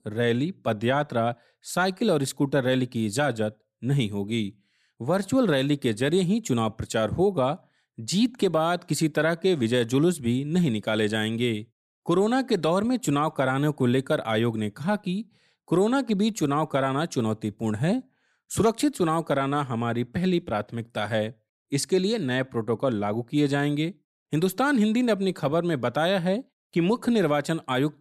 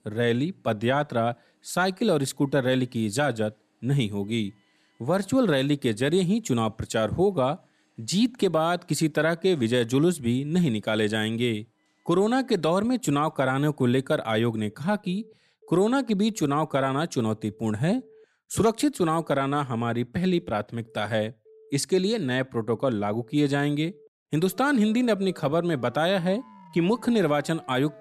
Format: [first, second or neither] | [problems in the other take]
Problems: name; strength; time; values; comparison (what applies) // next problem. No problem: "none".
first | alarms or sirens; faint; throughout; 30 dB below the speech